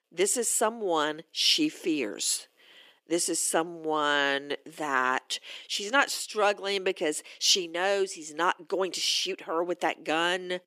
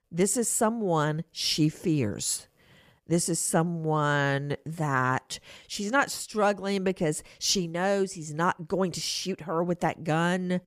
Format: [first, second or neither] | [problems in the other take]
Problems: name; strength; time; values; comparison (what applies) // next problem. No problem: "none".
second | thin; somewhat; fading below 300 Hz